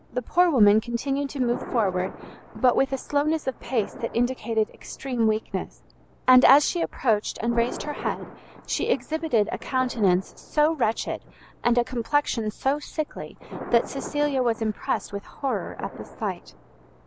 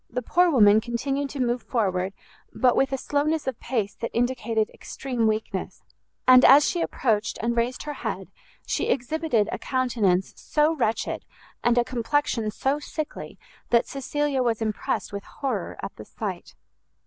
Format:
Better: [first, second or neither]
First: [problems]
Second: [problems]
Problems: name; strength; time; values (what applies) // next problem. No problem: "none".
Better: second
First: background sound (Thunder); 17 dB below the speech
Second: none